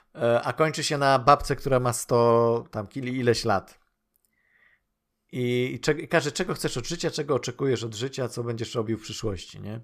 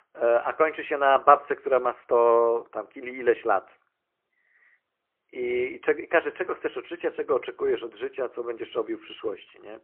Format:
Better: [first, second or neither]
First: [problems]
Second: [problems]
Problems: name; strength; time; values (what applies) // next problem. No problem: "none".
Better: first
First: none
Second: phone-call audio; poor line; nothing above 3 kHz